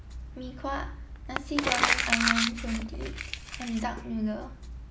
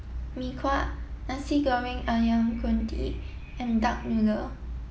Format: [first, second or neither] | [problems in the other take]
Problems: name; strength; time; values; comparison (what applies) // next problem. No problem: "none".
second | background sound (Crumpling, crinkling); 1 dB above the speech